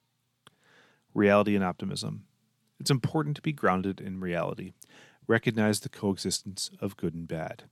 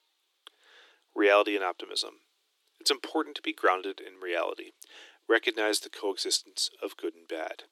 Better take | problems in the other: first | thin; very; fading below 300 Hz

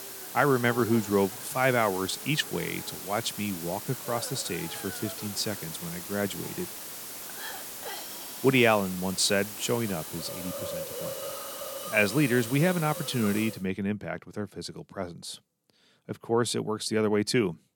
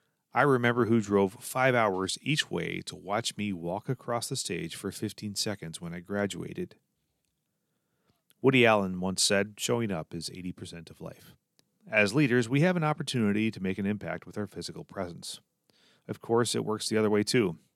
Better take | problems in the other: second | hiss; loud; until 14 s; 9 dB below the speech

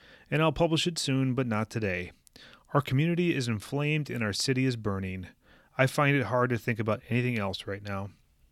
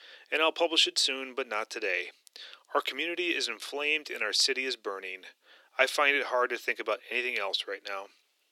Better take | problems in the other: first | thin; very; fading below 350 Hz

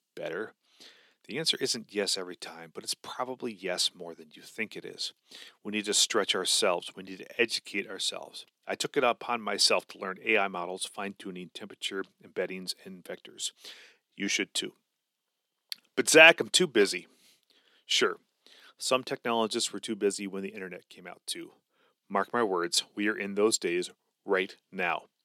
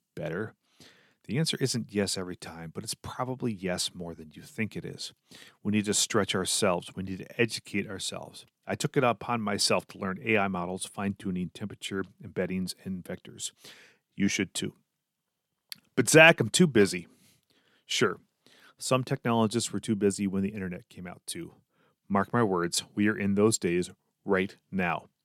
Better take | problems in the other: second | thin; somewhat; fading below 350 Hz

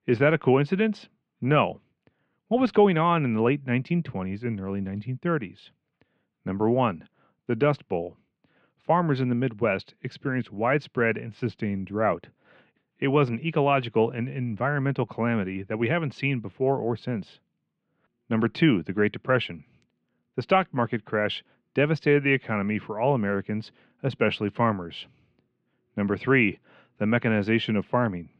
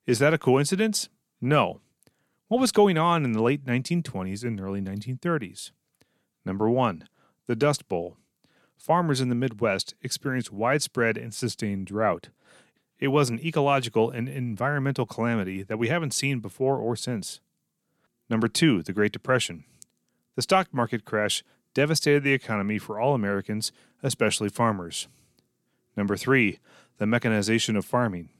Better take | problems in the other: second | muffled; very; fading above 3 kHz

